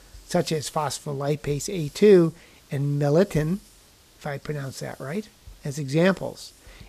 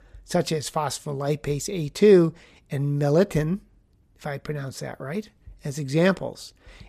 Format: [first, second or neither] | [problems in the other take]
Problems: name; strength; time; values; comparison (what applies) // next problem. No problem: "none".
second | hiss; faint; throughout; 25 dB below the speech